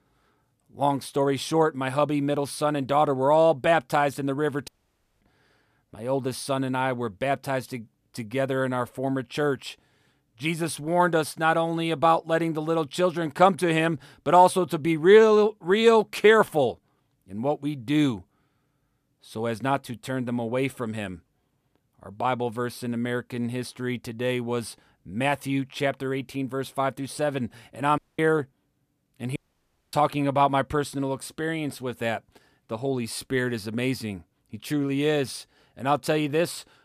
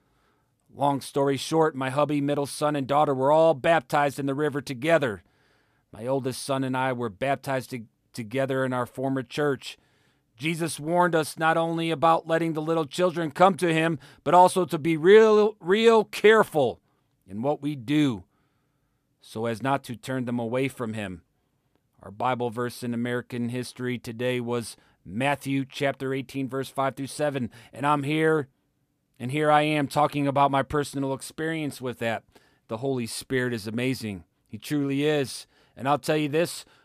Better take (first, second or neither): second